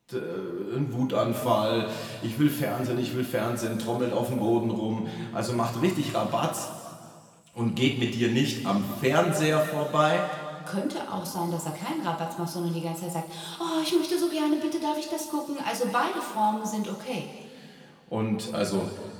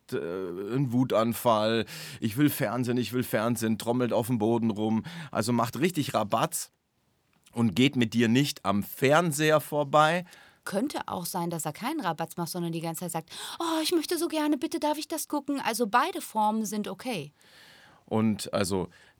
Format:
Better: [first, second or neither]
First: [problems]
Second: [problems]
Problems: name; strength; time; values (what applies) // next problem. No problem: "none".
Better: second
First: room echo; noticeable; dies away in 1.9 s // off-mic speech; far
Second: none